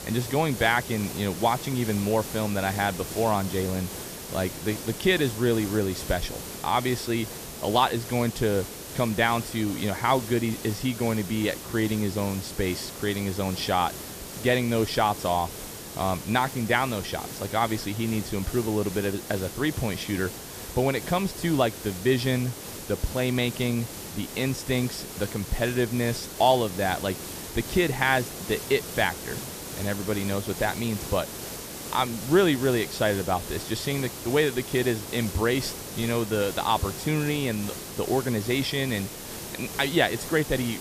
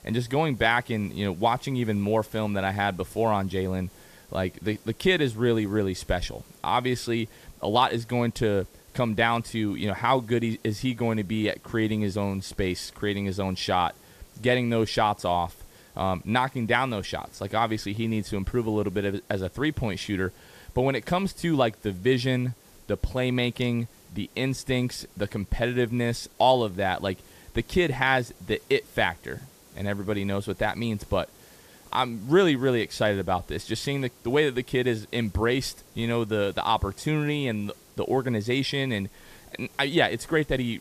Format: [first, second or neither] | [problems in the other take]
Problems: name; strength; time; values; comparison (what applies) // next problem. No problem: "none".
second | hiss; loud; throughout; 9 dB below the speech; faint in the second